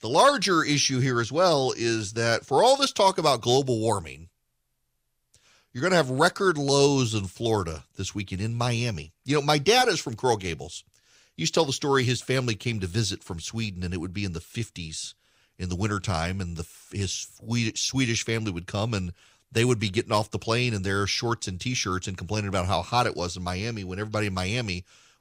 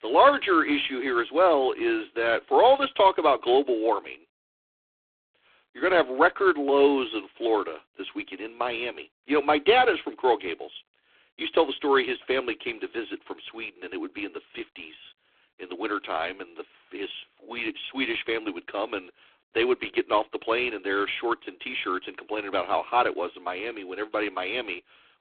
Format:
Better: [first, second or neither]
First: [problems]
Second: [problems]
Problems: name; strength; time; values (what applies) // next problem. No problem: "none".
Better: first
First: none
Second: phone-call audio; poor line